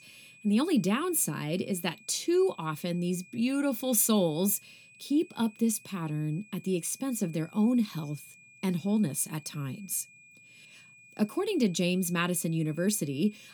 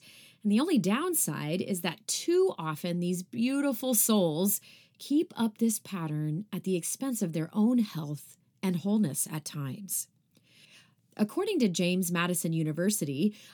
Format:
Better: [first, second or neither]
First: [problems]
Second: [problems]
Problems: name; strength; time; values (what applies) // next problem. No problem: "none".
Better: second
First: high-pitched whine; faint; throughout; 2.5 kHz, 25 dB below the speech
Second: none